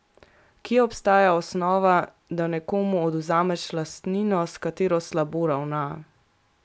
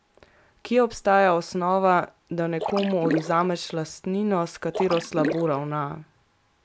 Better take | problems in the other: first | background sound (Splash, splatter); 7 dB below the speech

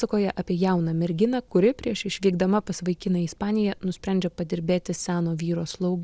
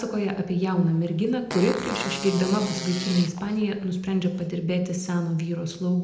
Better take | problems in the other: first | background sound (Fart); 11 dB below the speech // room echo; dies away in 0.8 s

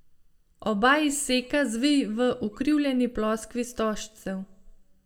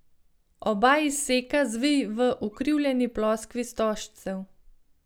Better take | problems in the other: second | room echo; dies away in 0.4 s

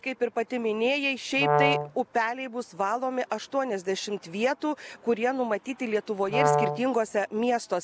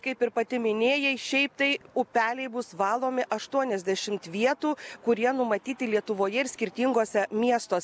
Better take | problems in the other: second | background sound (Brass instrument); 1 dB above the speech

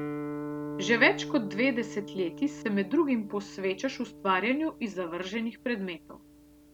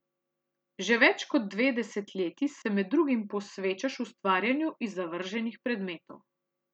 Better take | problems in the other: second | background sound (Guitar); 10 dB below the speech

